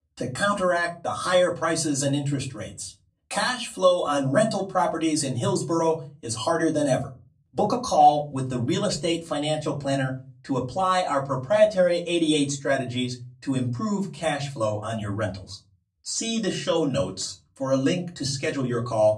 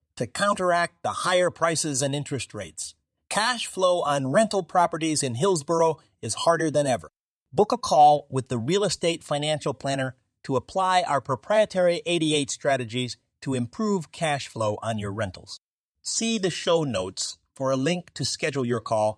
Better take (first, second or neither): second